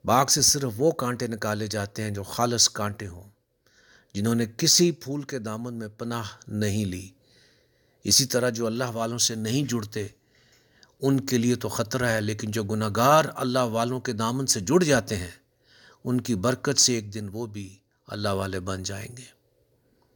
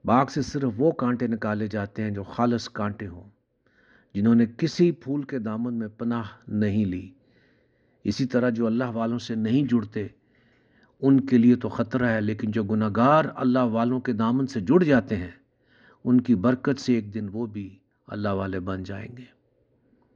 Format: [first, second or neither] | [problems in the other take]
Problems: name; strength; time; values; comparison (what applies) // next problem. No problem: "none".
first | muffled; very; fading above 2.5 kHz